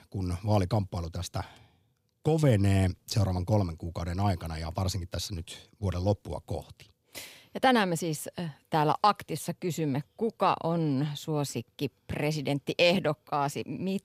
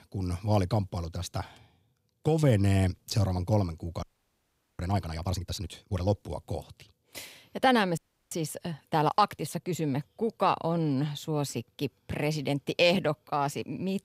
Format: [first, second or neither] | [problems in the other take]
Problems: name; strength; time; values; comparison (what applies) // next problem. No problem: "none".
first | audio freezing; at 4 s for 1 s and at 8 s